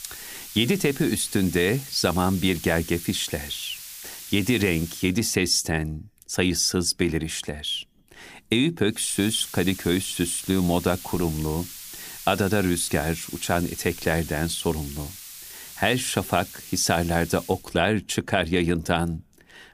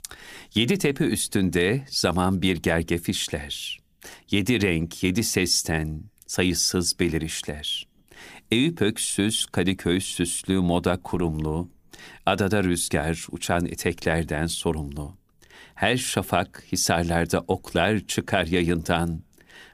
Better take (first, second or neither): second